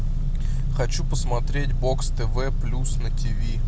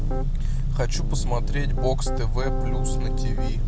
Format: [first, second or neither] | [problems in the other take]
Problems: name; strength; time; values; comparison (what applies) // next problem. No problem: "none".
first | background sound (Piano); 14 dB below the speech